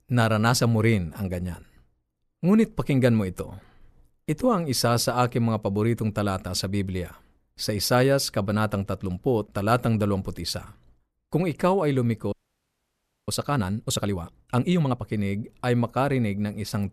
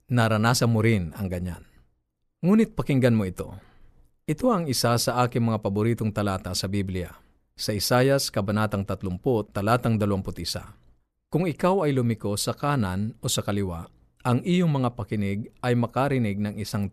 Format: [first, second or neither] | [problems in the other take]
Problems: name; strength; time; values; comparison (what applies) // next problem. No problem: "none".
second | audio freezing; at 12 s for 1 s